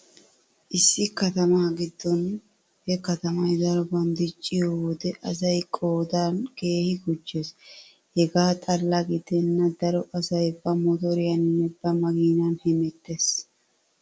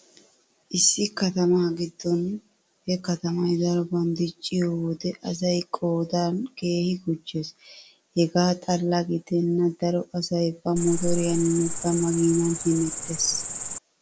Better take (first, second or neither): first